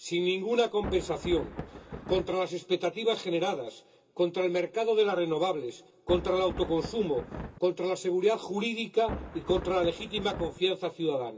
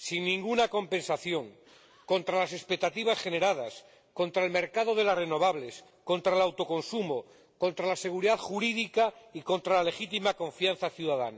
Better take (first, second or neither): second